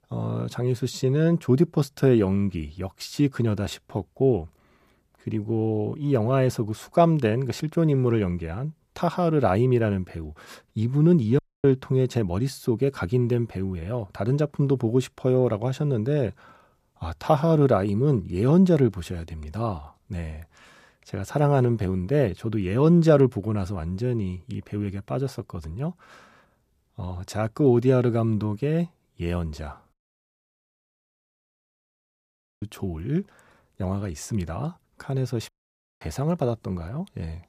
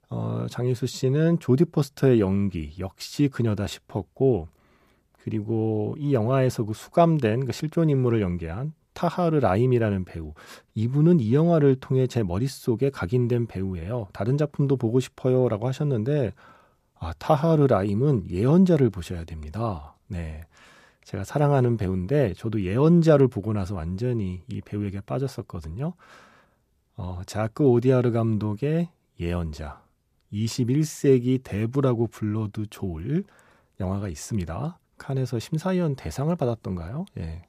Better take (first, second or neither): second